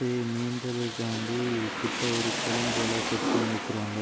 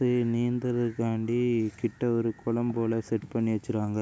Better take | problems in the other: second | background sound (Rain); 1 dB below the speech

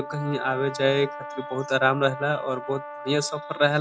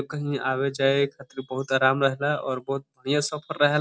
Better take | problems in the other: second | background sound (Brass instrument); 11 dB below the speech

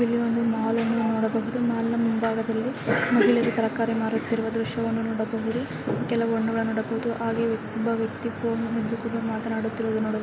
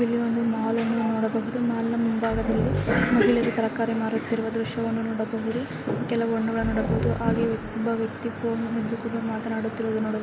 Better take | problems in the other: first | background sound (Growling); 6 dB below the speech

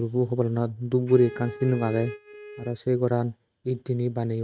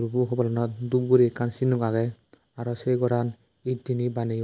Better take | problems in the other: second | noise reduction (neural mask model RNNoise)

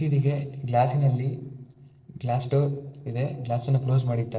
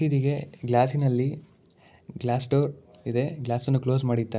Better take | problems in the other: second | noise reduction (neural separator model SepFormer DNS4)

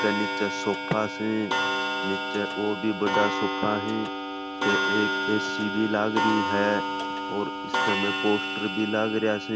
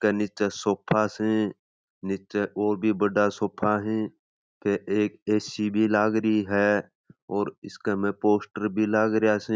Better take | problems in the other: second | background sound (Clock); as loud as the speech

